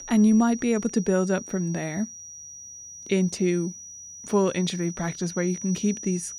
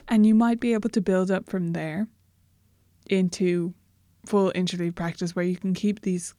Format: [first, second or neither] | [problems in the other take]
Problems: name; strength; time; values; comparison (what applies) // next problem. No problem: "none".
second | high-pitched whine; noticeable; throughout; 6 kHz, 15 dB below the speech